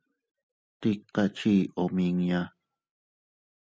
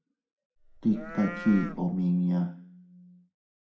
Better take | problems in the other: first | background sound (Livestock, farm animals, working animals); 12 dB below the speech // room echo; dies away in 0.5 s

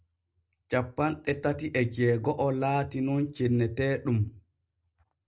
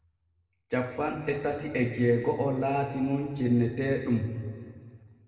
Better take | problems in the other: first | room echo; dies away in 1.9 s

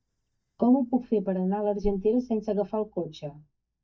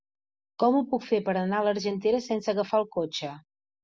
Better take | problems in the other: second | noise reduction (neural mask model DeepFilterNet 3)

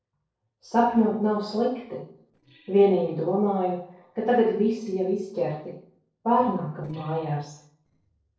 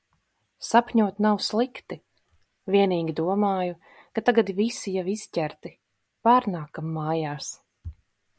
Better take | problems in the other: second | noise reduction (neural separator model SepFormer DNS4)

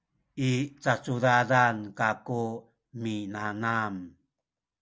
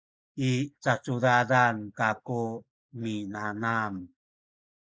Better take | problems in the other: first | noise reduction (neural mask model Resemble Enhance denoiser)

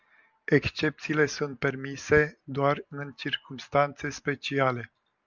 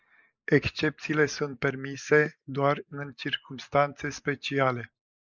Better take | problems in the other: first | noise reduction (neural mask model Resemble Enhance denoiser)

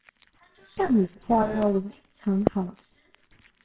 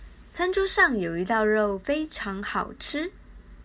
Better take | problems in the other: second | noise reduction (neural separator model SepFormer WHAMR!)

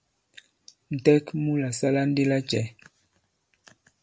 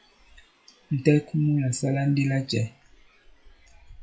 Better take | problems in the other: first | noise reduction (classical method WPE with log-MMSE)

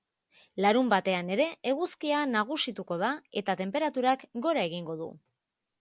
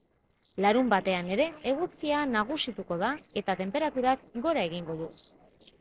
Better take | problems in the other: first | noise reduction (neural separator model SepFormer DNS4)

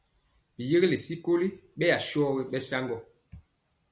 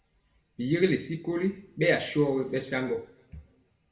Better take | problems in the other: first | room echo; dies away in 0.8 s

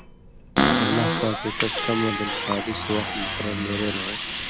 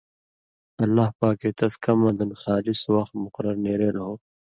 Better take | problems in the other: second | background sound (Cupboard open or close + Water); 2 dB above the speech

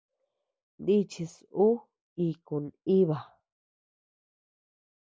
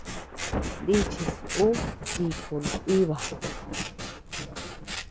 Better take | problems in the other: first | background sound (Scissors + Thunder / Rain); 3 dB below the speech

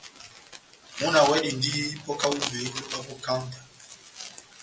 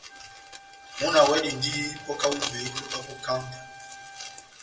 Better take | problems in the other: first | background sound (Wind instrument, woodwind instrument); 18 dB below the speech // room echo; dies away in 0.8 s

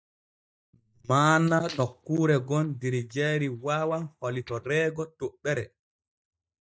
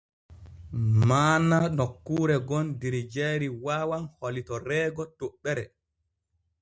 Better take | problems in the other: second | noise reduction (neural mask model DeepFilterNet 3)

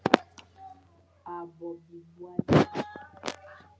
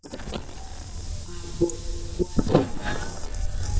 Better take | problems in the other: first | noise reduction (neural mask model DeepFilterNet 3)

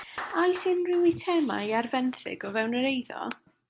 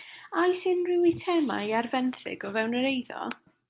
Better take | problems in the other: second | background sound (Clapping); 19 dB below the speech

